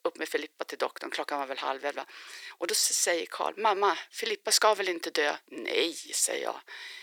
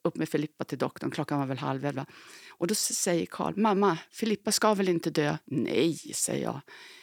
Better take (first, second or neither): second